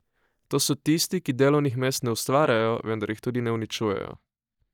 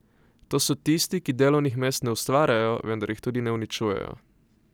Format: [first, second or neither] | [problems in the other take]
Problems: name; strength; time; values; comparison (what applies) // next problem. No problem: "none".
second | noise reduction (neural mask model DeepFilterNet 3)